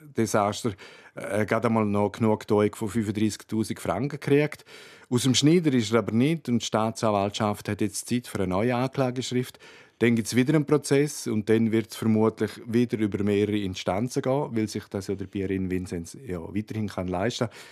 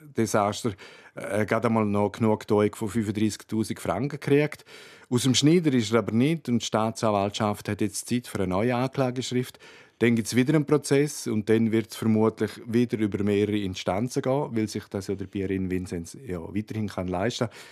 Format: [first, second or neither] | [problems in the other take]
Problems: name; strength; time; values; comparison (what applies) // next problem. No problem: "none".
neither | none